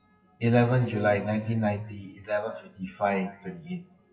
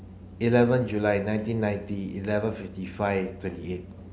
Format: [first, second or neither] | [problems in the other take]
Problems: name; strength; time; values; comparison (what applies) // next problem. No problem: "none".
second | noise reduction (classical method WPE with log-MMSE)